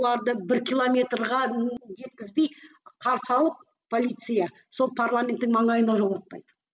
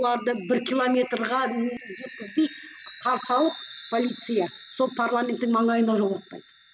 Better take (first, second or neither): first